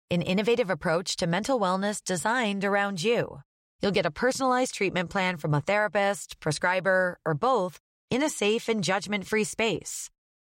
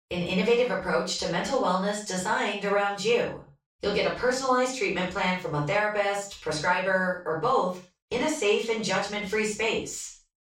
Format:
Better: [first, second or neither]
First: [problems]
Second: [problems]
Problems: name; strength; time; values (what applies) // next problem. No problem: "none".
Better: first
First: none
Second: room echo; noticeable; dies away in 0.3 s // off-mic speech; far